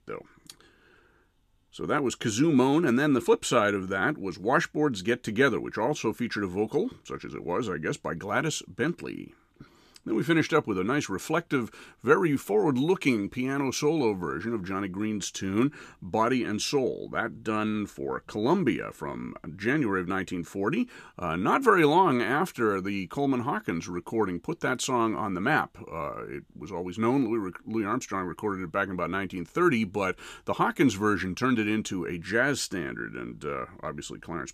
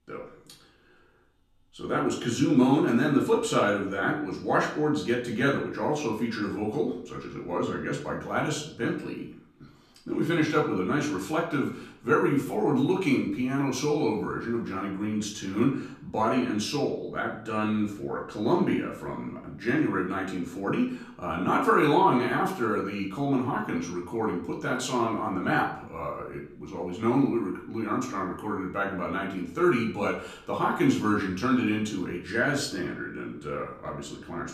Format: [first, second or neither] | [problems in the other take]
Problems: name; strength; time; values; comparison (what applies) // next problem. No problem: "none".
first | room echo; slight; dies away in 0.5 s // off-mic speech; far